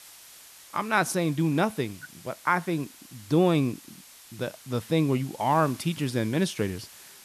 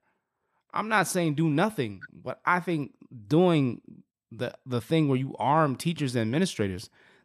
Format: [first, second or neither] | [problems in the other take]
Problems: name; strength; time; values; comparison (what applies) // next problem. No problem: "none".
second | hiss; faint; throughout; 20 dB below the speech